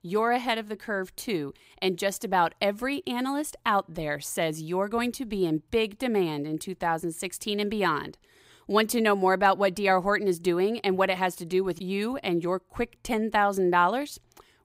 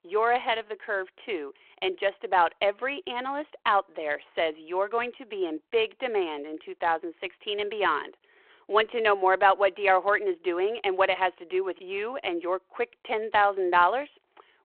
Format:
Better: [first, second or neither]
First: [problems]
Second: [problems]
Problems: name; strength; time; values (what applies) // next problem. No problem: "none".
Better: first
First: none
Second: phone-call audio